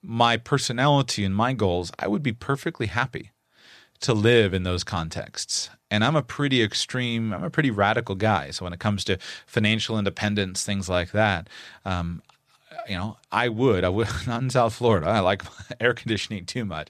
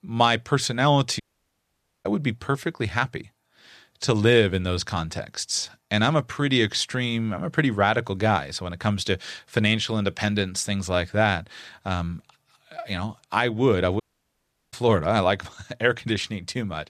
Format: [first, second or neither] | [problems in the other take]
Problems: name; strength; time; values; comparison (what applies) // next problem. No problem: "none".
first | audio cutting out; at 1 s for 1 s and at 14 s for 0.5 s